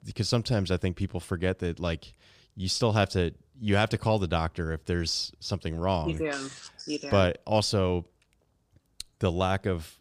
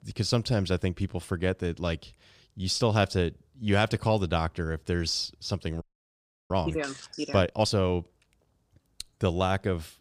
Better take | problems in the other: first | audio freezing; at 6 s for 0.5 s

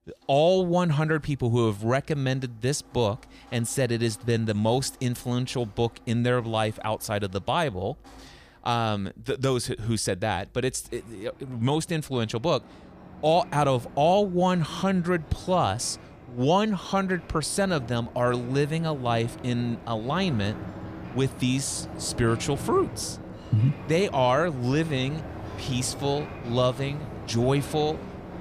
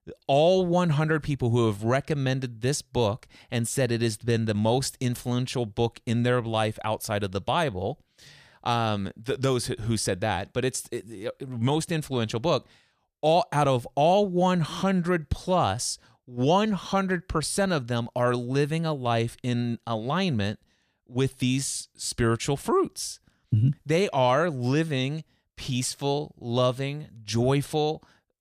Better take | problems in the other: second | rain or running water; noticeable; throughout; 15 dB below the speech

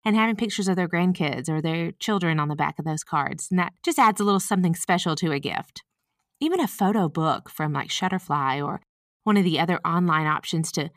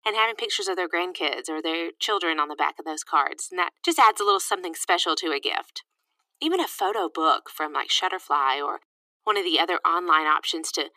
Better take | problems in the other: first | thin; very; fading below 300 Hz

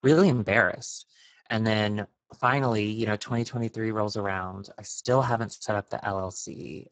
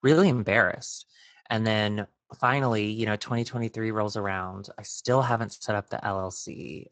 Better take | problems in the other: second | garbled, watery; badly; nothing above 7.5 kHz; slightly in the second

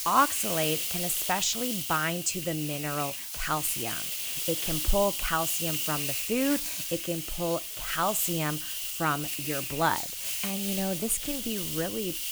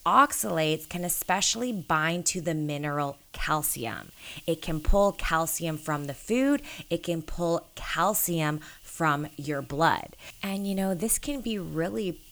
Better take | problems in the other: second | hiss; loud; throughout; as loud as the speech; faint in the second

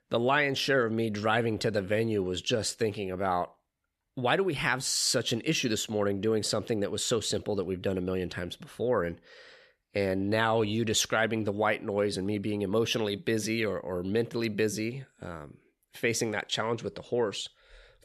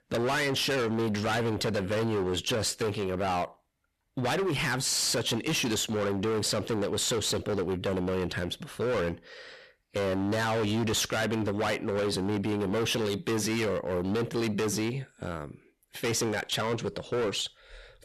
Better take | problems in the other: first | distortion; heavy; 26% of the sound clipped

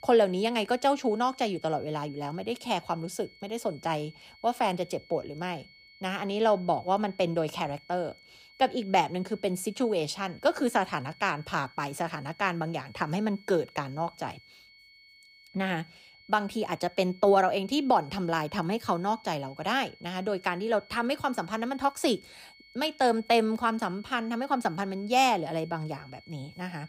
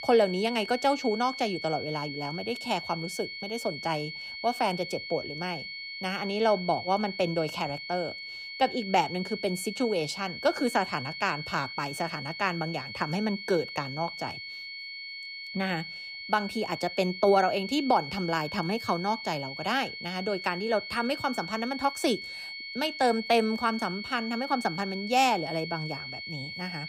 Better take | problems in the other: first | high-pitched whine; loud; throughout; 2 kHz, 8 dB below the speech; faint in the first

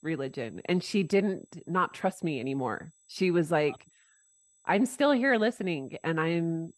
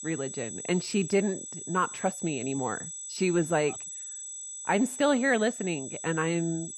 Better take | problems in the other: first | high-pitched whine; loud; throughout; 8 kHz, 8 dB below the speech; faint in the first

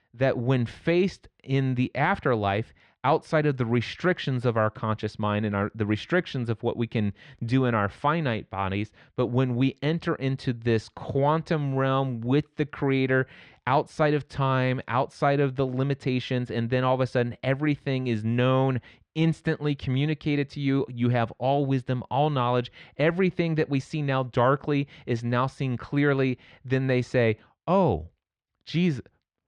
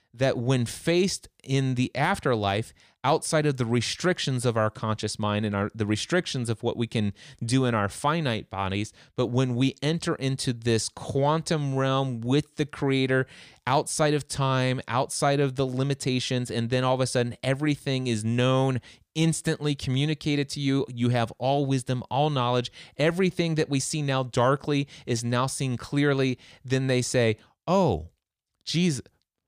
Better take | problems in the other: second | muffled; slightly; fading above 2 kHz

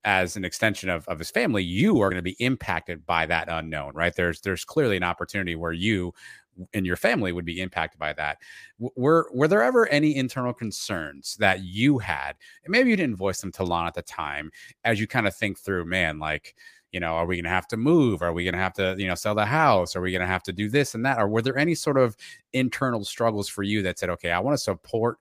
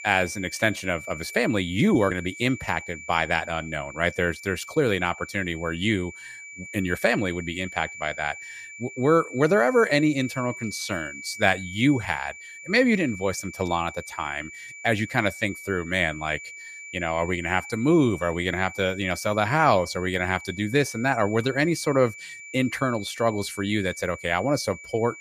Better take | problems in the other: first | high-pitched whine; noticeable; throughout; 2.5 kHz, 15 dB below the speech

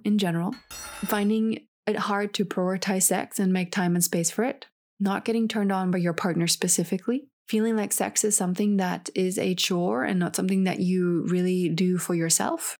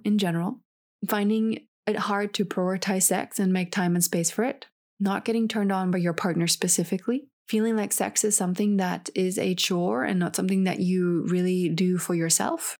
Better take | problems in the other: second | clattering dishes; faint; at 0.5 s; peak 10 dB below the speech

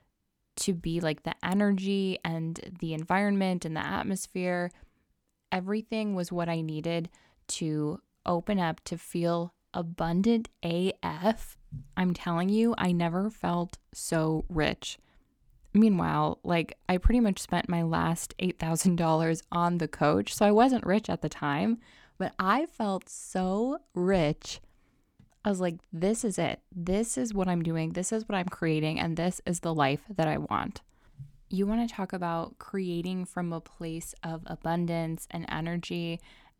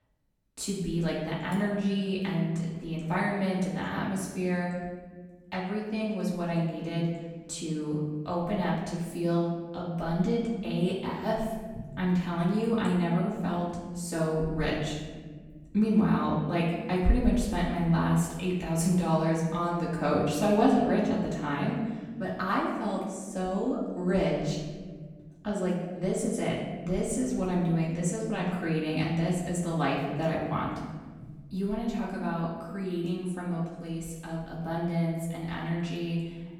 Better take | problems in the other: first | off-mic speech; far // room echo; noticeable; dies away in 1.3 s

